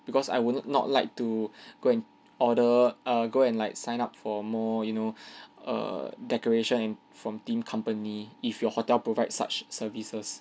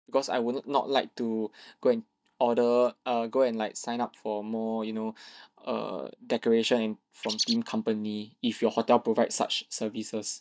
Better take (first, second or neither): first